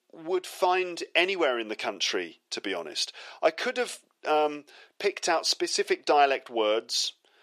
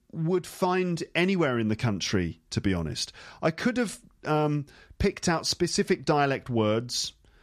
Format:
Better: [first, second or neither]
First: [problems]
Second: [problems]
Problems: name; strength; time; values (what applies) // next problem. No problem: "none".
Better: second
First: thin; very; fading below 350 Hz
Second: none